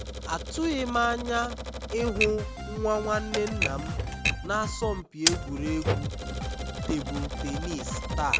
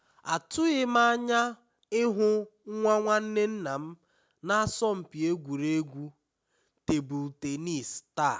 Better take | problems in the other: second | background sound (Drum kit + Typewriter); as loud as the speech

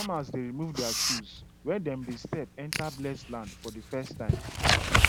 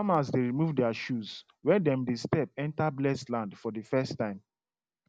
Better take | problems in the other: second | background sound (Writing); 5 dB above the speech

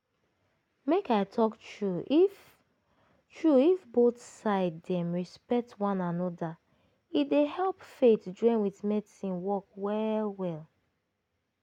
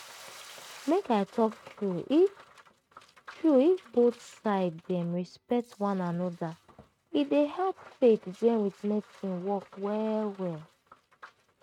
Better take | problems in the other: first | noise reduction (neural mask model RNNoise)

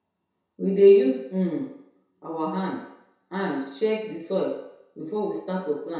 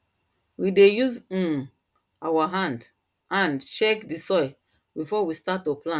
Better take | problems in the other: second | room echo; dies away in 0.7 s

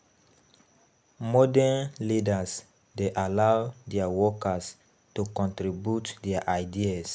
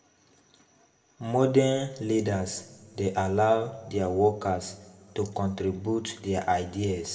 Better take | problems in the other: first | room echo; dies away in 1.5 s

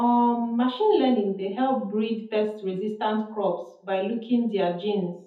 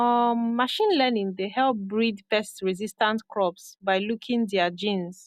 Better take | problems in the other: second | room echo; dies away in 0.5 s

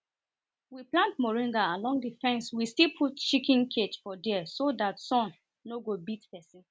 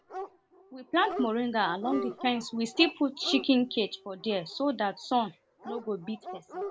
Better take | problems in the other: first | background sound (Dog); 11 dB below the speech

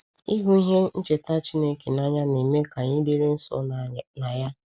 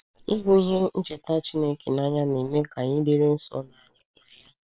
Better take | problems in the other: first | noise reduction (neural separator model SepFormer WHAM!)

